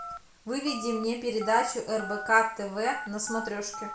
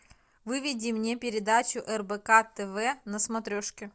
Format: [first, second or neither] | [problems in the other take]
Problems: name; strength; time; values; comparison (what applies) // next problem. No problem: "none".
second | background sound (Telephone); 11 dB below the speech // room echo; dies away in 0.4 s